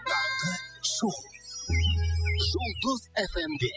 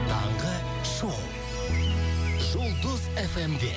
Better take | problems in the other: second | noise reduction (classical method spectral subtraction)

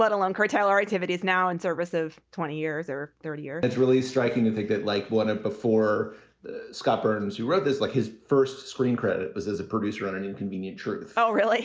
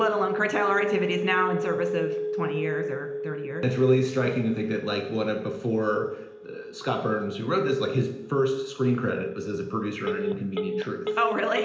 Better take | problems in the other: first | background sound (Telephone); 6 dB below the speech // room echo; dies away in 0.9 s

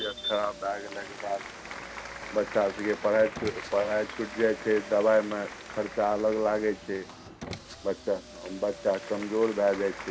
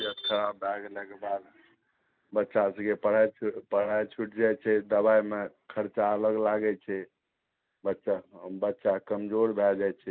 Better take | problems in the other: second | background sound (Car + Applause); 13 dB below the speech

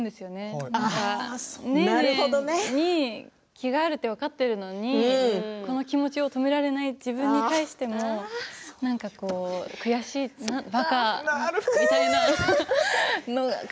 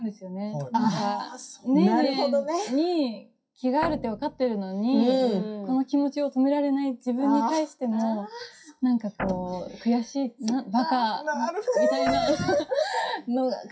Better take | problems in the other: first | noise reduction (classical method WPE with log-MMSE)

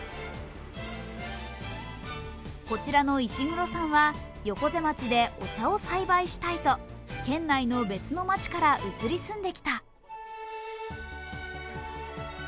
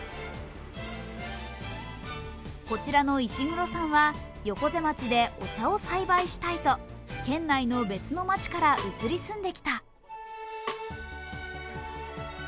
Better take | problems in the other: first | background sound (Snare drum); 14 dB below the speech

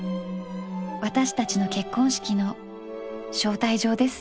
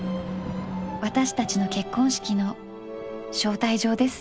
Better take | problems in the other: first | background sound (Thunder / Rain); 16 dB below the speech

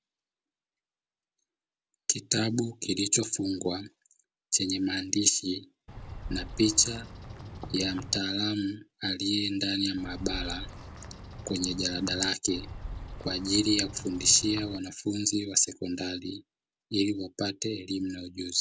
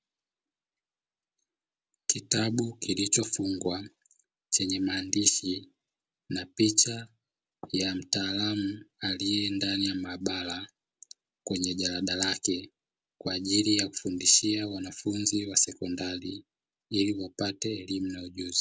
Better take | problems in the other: second | background sound (Bird vocalization, bird call, bird song); 11 dB below the speech

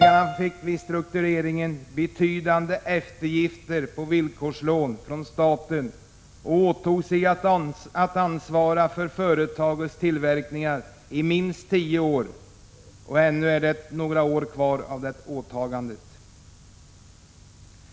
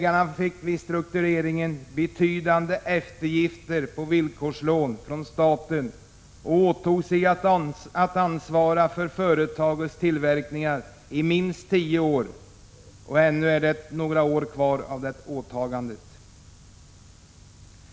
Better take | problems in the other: second | background sound (Piano); 2 dB below the speech

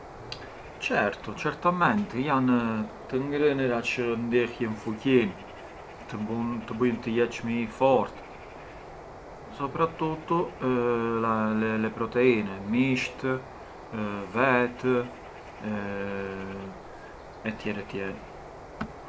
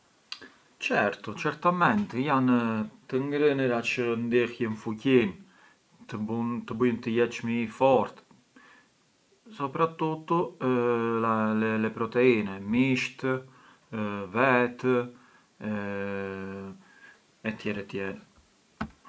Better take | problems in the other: second | background sound (Bird); 15 dB below the speech

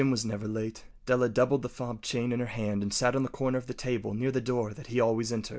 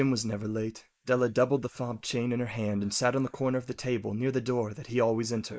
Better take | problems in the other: first | noise reduction (neural mask model Resemble Enhance denoiser)

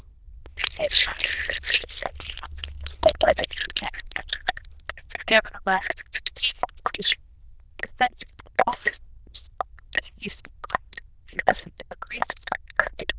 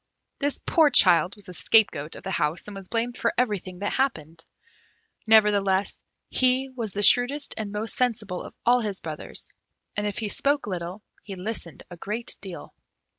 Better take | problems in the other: second | noise reduction (neural diffusion model UNIVERSE++)

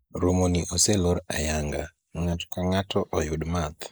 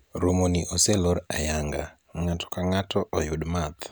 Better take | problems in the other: second | noise reduction (neural mask model Resemble Enhance denoiser)

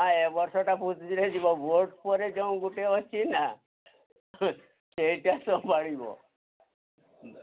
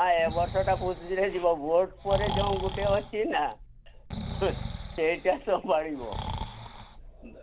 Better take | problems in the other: first | background sound (Breathing); 8 dB below the speech

